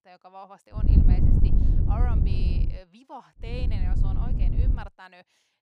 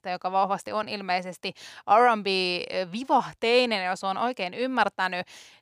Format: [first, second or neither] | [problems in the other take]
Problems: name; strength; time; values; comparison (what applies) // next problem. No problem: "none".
second | wind noise on the microphone; heavy; from 1 to 2.5 s and from 3.5 to 5 s; 3 dB above the speech